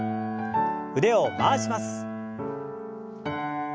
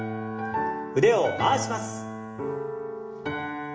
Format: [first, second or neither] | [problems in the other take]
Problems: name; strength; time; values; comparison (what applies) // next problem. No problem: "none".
first | room echo; dies away in 1.2 s